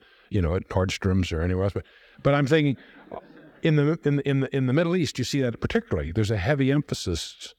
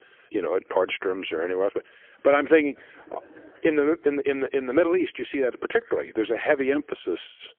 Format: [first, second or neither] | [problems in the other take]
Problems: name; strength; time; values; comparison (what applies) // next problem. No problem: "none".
first | phone-call audio; poor line; nothing above 3.5 kHz